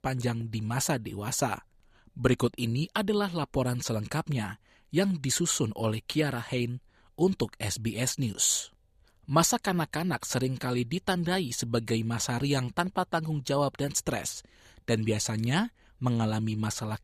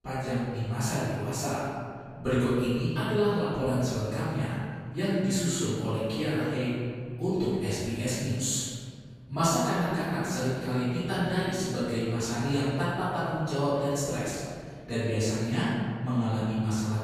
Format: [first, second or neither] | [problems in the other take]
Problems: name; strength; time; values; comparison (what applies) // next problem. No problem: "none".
first | off-mic speech; far // room echo; strong; dies away in 1.8 s